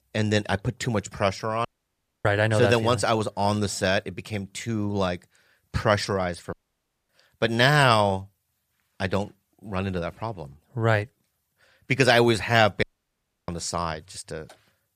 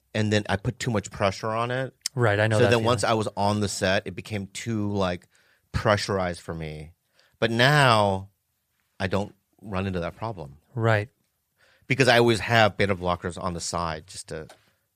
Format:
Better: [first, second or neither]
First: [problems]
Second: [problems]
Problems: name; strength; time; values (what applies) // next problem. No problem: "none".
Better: second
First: audio cutting out; at 1.5 s for 0.5 s, at 6.5 s for 0.5 s and at 13 s for 0.5 s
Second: none